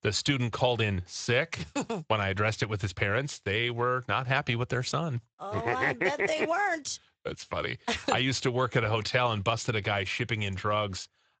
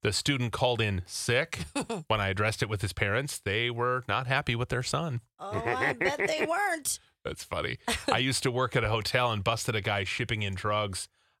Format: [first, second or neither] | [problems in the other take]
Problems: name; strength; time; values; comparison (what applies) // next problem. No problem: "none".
second | garbled, watery; slightly; nothing above 7.5 kHz